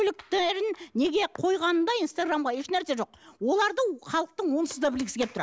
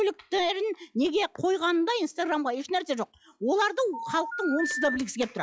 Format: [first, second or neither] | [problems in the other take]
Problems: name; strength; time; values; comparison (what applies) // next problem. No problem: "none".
first | noise reduction (classical method log-MMSE)